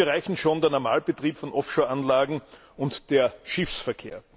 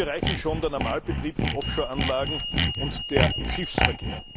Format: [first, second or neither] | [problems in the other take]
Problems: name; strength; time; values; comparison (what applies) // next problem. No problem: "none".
first | background sound (Bell + Sawing); 3 dB above the speech